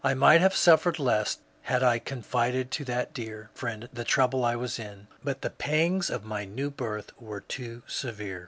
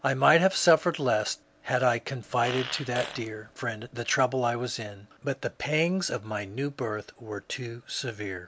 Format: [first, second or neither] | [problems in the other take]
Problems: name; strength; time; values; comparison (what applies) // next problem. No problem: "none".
first | background sound (Fart); 11 dB below the speech